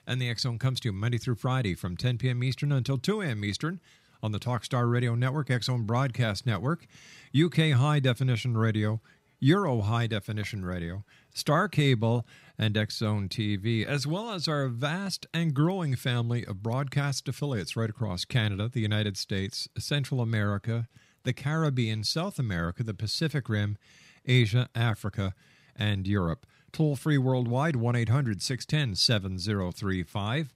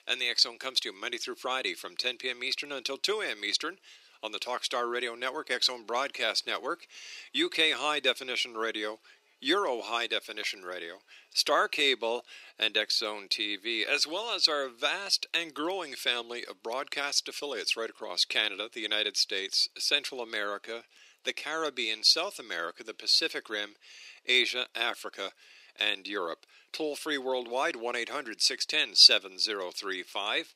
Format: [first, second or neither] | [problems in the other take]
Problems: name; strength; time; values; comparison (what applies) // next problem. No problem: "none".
first | thin; very; fading below 350 Hz